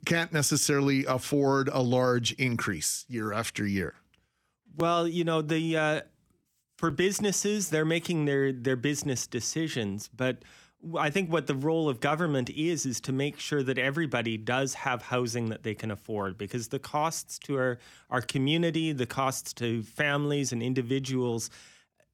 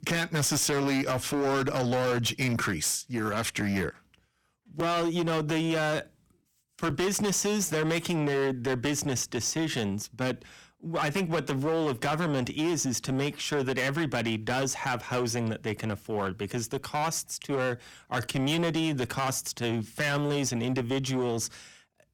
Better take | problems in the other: first | distortion; heavy; 16% of the sound clipped

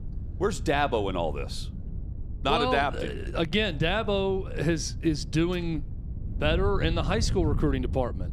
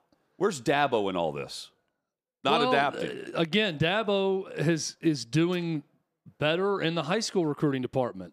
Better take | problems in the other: second | wind noise on the microphone; occasional gusts; 20 dB below the speech

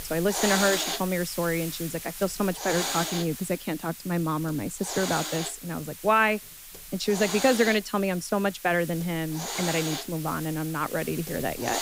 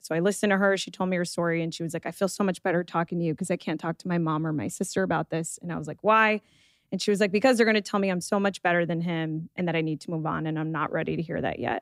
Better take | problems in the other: second | hiss; loud; throughout; 6 dB below the speech

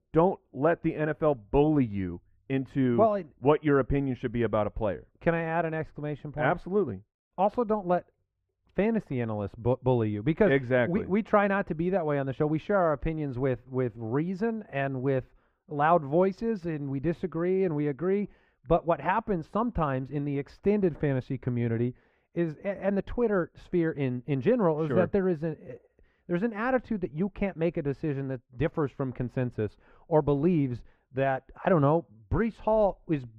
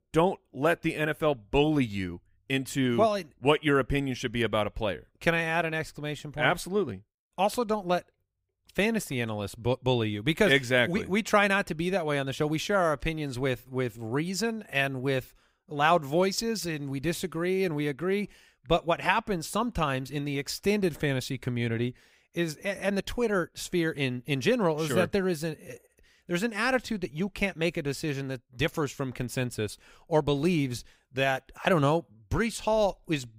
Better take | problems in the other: second | muffled; very; fading above 3.5 kHz

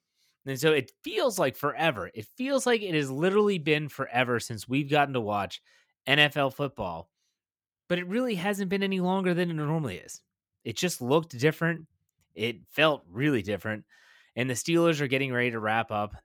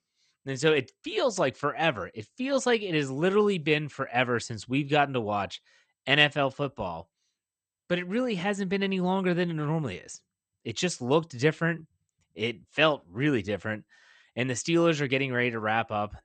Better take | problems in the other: first | garbled, watery; slightly; nothing above 8.5 kHz

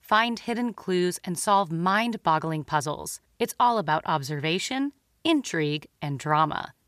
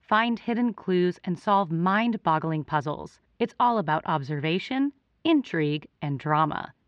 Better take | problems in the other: first | muffled; slightly; fading above 3 kHz

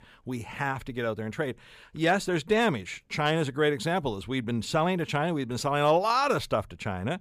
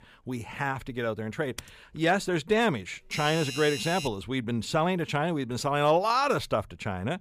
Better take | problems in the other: first | keyboard typing; faint; at 1.5 s; peak 15 dB below the speech // doorbell; noticeable; from 3 to 4 s; peak 6 dB below the speech

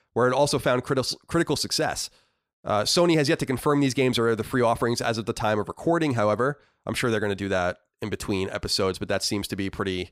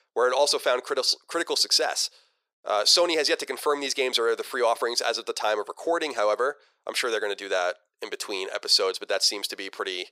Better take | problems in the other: first | thin; very; fading below 450 Hz

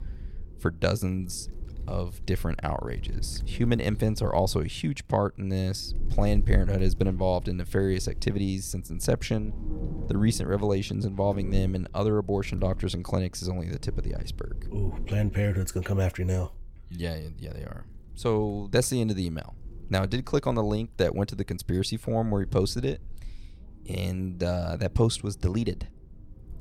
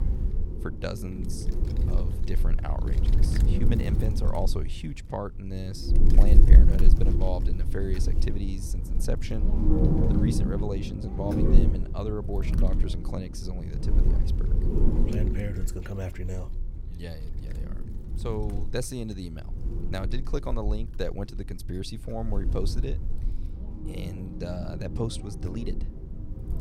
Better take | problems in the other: first | wind noise on the microphone; heavy; 2 dB below the speech; occasional gusts in the first

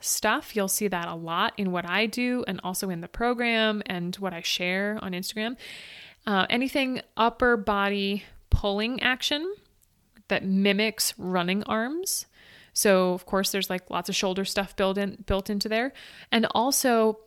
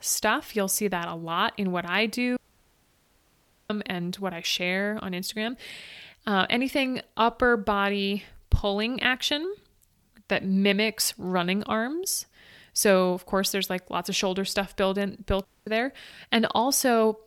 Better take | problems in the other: first | audio cutting out; at 2.5 s for 1.5 s and at 15 s

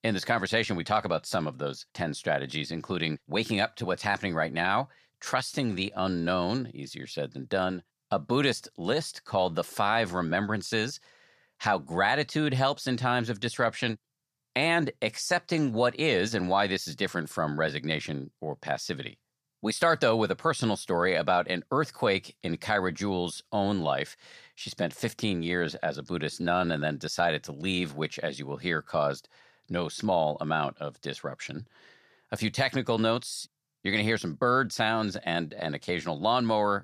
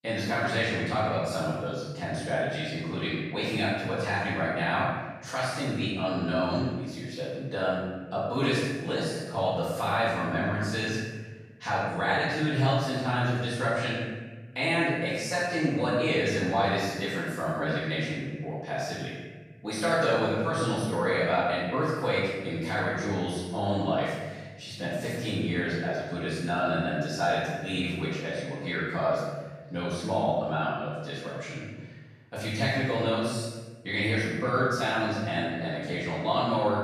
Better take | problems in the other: first | room echo; strong; dies away in 1.2 s // off-mic speech; far

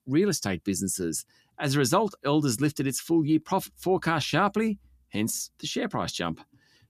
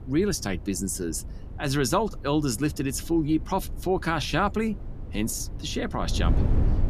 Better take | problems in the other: first | wind noise on the microphone; occasional gusts; 15 dB below the speech

